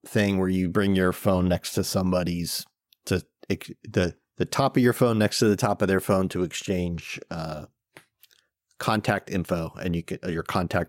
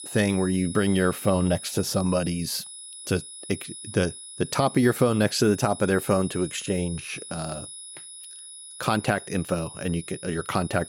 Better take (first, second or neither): first